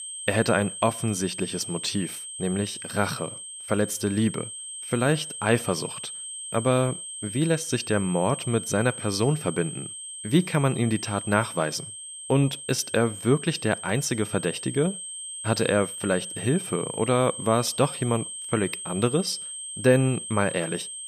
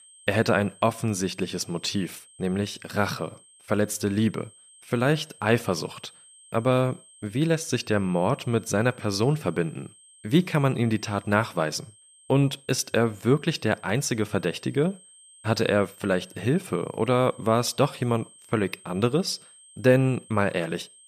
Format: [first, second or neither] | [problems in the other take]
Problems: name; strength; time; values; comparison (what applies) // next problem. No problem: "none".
second | high-pitched whine; loud; throughout; 8.5 kHz, 8 dB below the speech; faint in the second